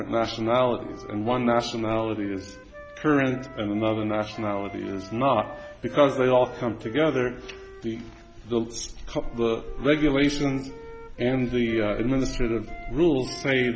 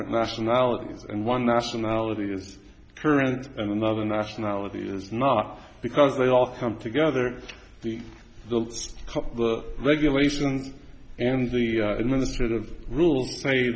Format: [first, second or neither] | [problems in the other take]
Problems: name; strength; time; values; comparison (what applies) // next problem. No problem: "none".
second | background sound (Wind instrument, woodwind instrument); 19 dB below the speech